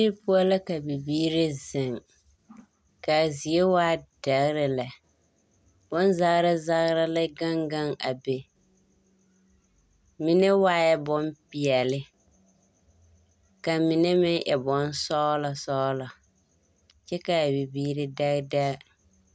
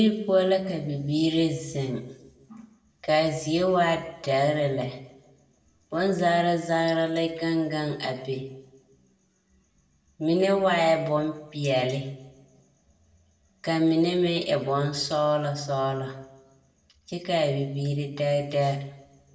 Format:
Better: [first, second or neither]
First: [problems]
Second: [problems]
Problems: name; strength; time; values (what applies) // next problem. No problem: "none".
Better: first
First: none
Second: room echo; dies away in 0.6 s